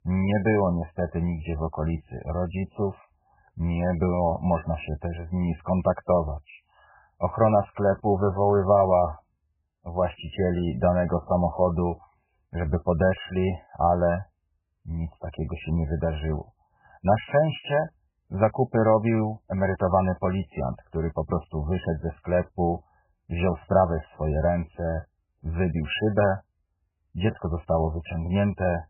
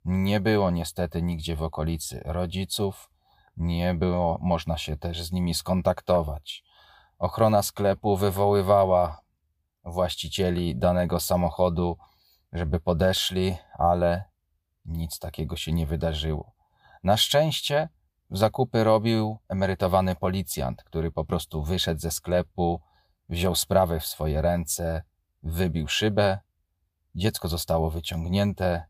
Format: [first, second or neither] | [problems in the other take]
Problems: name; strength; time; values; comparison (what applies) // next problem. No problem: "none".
second | garbled, watery; badly; nothing above 3 kHz